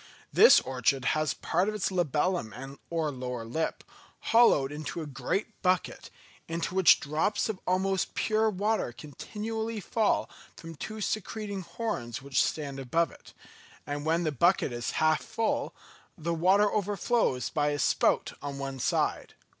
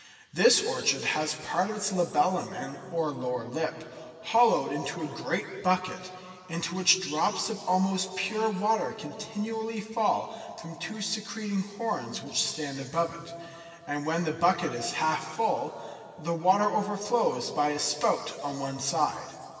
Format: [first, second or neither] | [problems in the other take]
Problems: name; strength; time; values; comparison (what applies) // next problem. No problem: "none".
first | room echo; dies away in 2.4 s